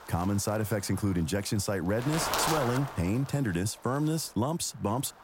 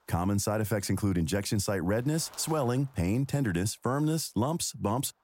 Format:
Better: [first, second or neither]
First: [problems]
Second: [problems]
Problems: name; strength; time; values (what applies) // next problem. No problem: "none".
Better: second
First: wind noise on the microphone; heavy; as loud as the speech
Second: wind noise on the microphone; occasional gusts; 20 dB below the speech